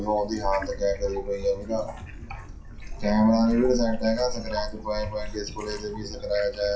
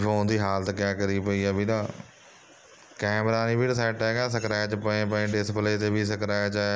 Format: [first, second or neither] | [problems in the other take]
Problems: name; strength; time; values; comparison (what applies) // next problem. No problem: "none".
second | noise reduction (classical method WPE with log-MMSE)